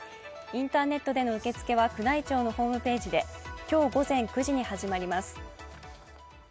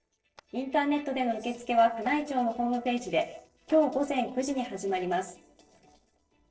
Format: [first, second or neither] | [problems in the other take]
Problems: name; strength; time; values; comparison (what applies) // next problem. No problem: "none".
first | noise reduction (neural separator model SepFormer DNS4)